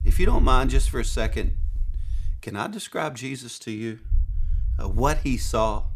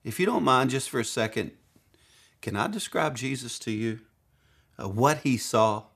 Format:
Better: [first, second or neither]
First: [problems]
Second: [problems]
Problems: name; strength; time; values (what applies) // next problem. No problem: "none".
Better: second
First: low rumble; faint; until 2.5 s and from 4 s on; 25 dB below the speech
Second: none